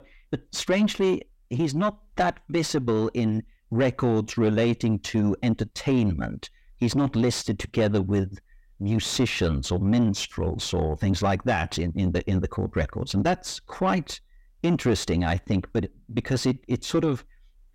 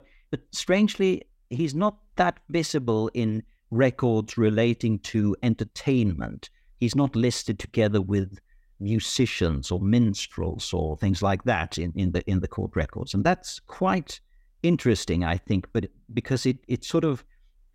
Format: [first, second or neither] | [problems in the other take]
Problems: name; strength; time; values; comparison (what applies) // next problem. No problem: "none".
second | distortion; slight; 9 dB below the speech